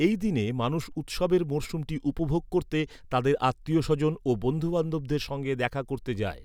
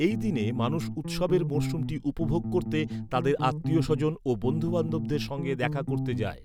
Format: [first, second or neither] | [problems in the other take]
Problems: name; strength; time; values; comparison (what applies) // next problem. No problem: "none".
first | background sound (Bass guitar); 4 dB below the speech